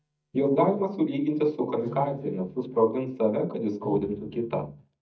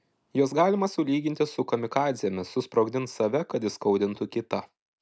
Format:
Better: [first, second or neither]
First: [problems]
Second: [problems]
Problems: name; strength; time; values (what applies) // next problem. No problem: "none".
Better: second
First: noise reduction (neural mask model DeepFilterNet 3)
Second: none